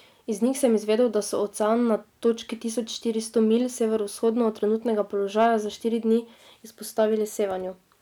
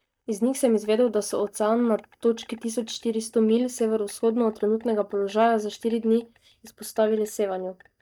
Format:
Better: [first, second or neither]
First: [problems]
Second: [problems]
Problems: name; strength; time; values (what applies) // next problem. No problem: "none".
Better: first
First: none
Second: noise reduction (neural mask model DeepFilterNet 3)